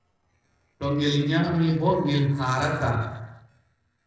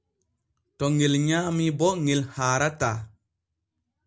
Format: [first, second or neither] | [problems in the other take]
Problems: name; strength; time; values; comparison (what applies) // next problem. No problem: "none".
second | noise reduction (neural separator model SepFormer DNS4)